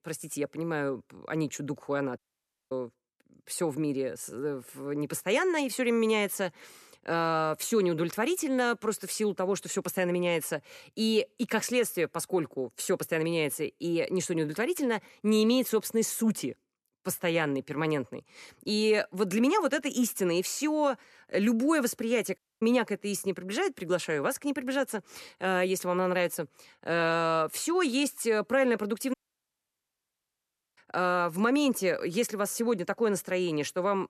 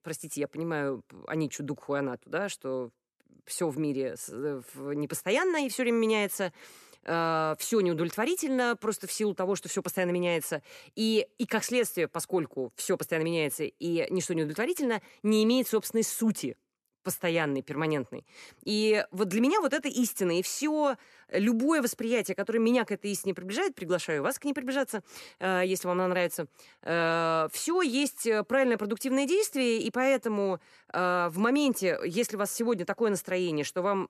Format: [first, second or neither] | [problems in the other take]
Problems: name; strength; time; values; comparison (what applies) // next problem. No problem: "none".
second | audio cutting out; at 2 s for 0.5 s, at 22 s and at 29 s for 1.5 s